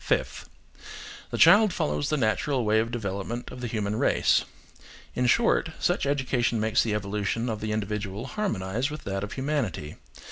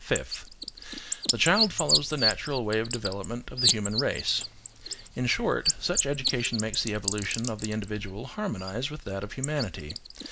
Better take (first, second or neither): first